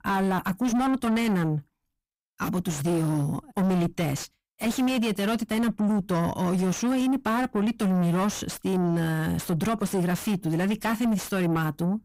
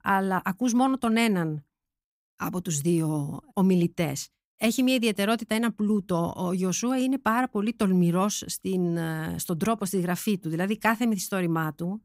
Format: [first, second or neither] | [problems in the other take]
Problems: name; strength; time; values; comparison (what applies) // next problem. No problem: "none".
second | distortion; heavy; 7 dB below the speech